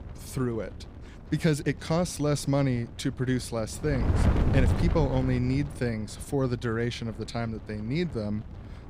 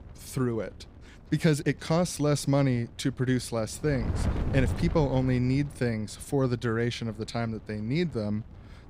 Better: second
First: wind noise on the microphone; heavy; 8 dB below the speech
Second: wind noise on the microphone; occasional gusts; 15 dB below the speech

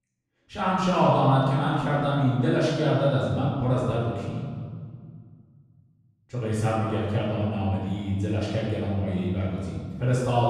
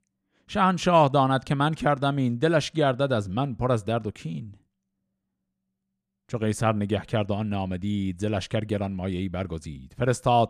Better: second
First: room echo; strong; dies away in 1.8 s // off-mic speech; far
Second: none

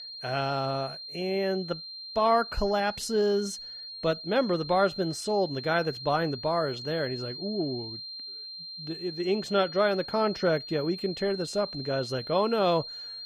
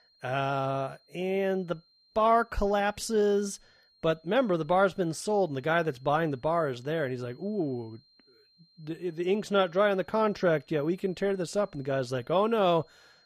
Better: second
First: high-pitched whine; loud; throughout; 4 kHz, 10 dB below the speech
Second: high-pitched whine; faint; throughout; 4 kHz, 35 dB below the speech

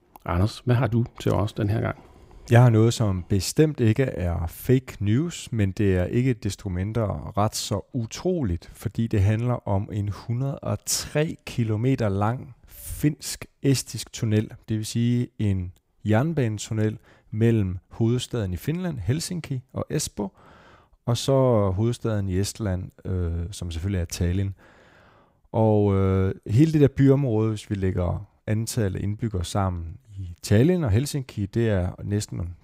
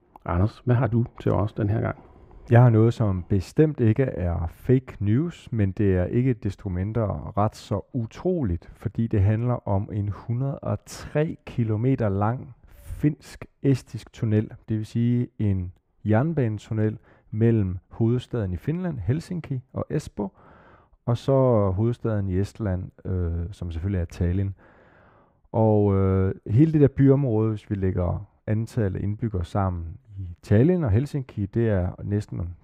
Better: first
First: none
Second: muffled; very; fading above 3 kHz

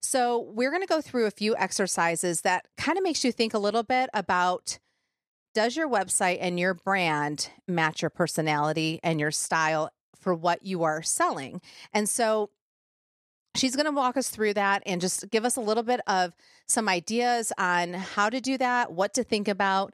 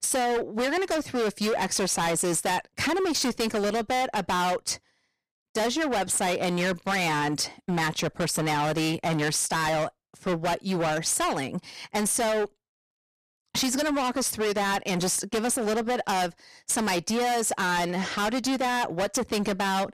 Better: first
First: none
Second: distortion; heavy; 30% of the sound clipped

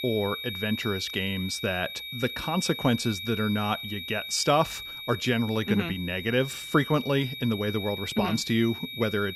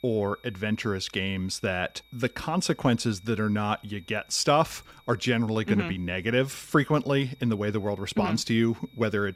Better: second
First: high-pitched whine; loud; throughout; 3.5 kHz, 8 dB below the speech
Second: high-pitched whine; faint; throughout; 3.5 kHz, 30 dB below the speech

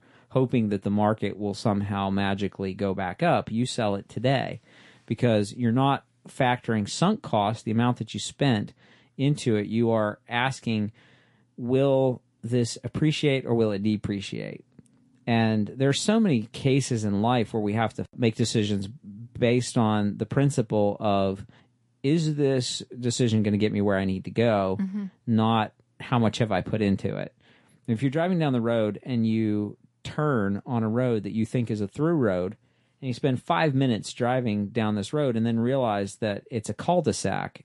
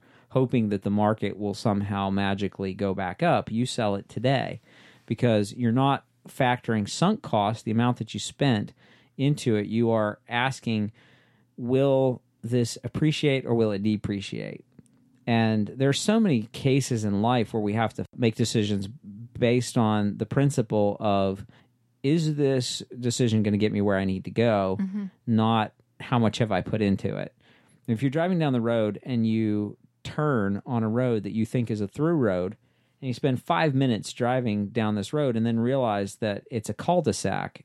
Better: second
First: garbled, watery; slightly; nothing above 11 kHz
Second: none

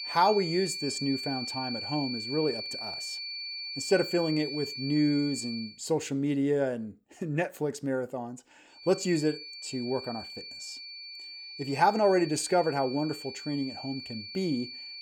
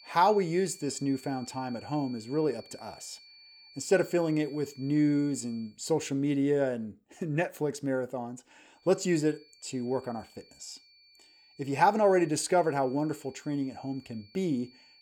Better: second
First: high-pitched whine; loud; until 5.5 s and from 9 s on; 4.5 kHz, 7 dB below the speech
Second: high-pitched whine; faint; until 5.5 s and from 9 s on; 4.5 kHz, 25 dB below the speech

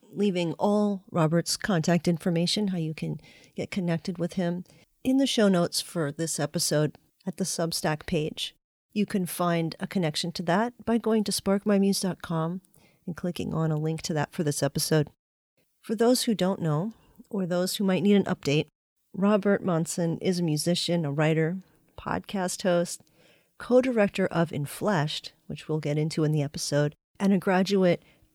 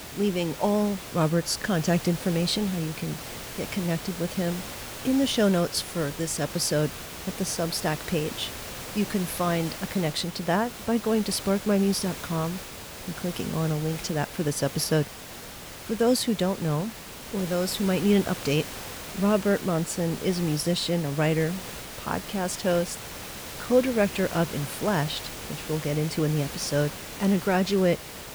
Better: first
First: none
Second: hiss; noticeable; throughout; 10 dB below the speech

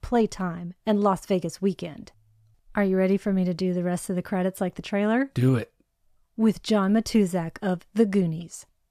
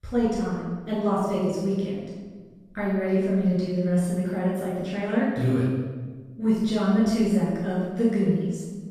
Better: first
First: none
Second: off-mic speech; far // room echo; strong; dies away in 1.2 s

